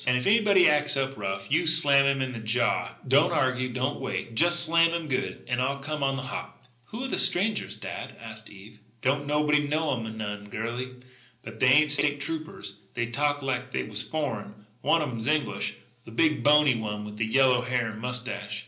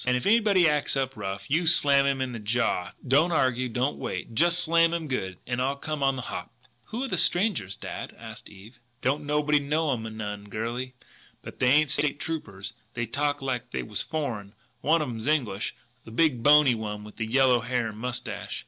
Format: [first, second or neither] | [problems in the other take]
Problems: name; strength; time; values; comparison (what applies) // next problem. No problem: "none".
second | room echo; dies away in 0.5 s